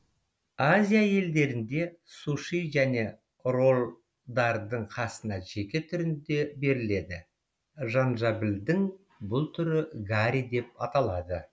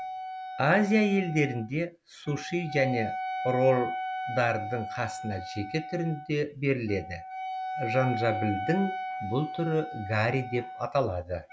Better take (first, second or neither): first